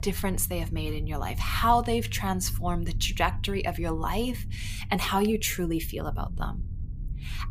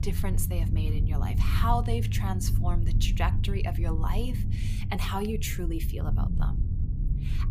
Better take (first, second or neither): first